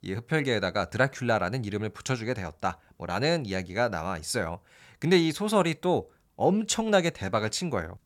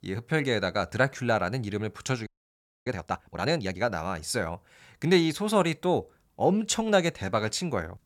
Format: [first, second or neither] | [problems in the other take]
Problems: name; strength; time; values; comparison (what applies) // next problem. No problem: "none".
first | audio freezing; at 2.5 s for 0.5 s